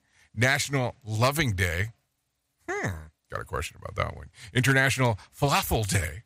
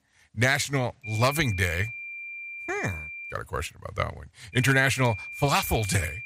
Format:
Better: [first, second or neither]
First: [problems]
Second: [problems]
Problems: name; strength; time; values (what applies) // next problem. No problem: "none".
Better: first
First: none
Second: high-pitched whine; loud; from 1 to 3.5 s and from 4.5 s on; 2.5 kHz, 10 dB below the speech